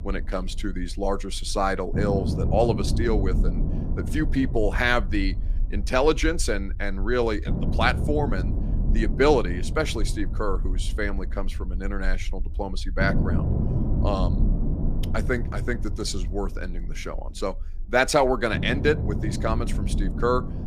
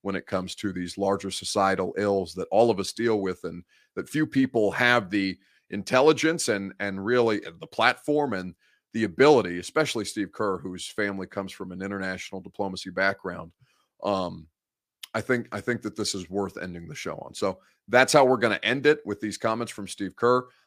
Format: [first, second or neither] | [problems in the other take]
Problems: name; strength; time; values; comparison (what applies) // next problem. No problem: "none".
second | low rumble; noticeable; throughout; 10 dB below the speech